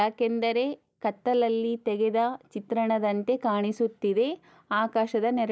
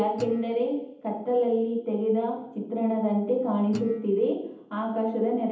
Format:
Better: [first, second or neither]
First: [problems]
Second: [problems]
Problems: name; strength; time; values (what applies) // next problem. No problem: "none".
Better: first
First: none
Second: background sound (Guitar); 19 dB below the speech // room echo; dies away in 0.8 s